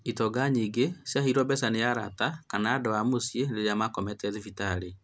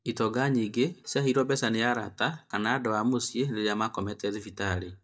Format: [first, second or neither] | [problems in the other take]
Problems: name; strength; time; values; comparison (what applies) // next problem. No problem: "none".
first | noise reduction (neural mask model DeepFilterNet 3)